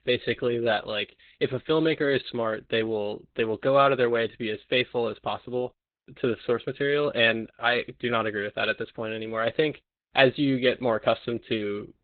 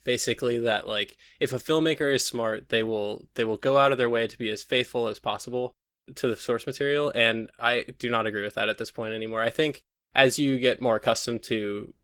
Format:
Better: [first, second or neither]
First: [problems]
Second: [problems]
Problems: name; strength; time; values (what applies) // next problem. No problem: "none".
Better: second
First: garbled, watery; badly; nothing above 3.5 kHz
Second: garbled, watery; slightly; nothing above 18.5 kHz